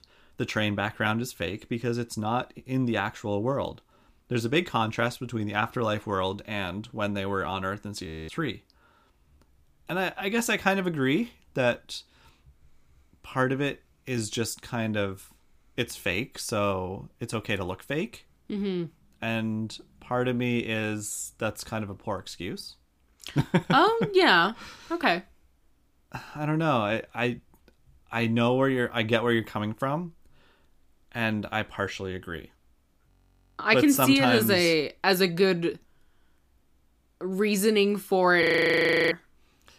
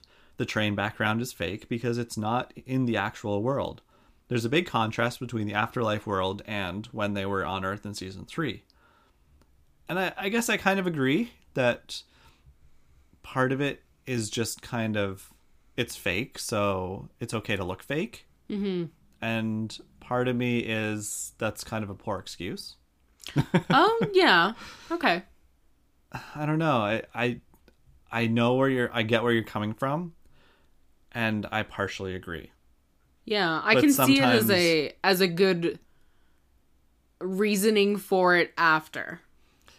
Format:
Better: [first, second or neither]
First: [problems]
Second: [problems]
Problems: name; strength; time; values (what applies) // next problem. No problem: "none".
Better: second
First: audio freezing; at 8 s, at 33 s for 0.5 s and at 38 s for 0.5 s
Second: none